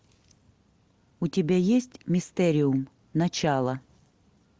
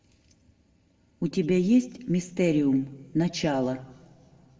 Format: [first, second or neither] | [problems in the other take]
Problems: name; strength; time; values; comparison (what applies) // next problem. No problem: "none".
first | room echo; dies away in 1.3 s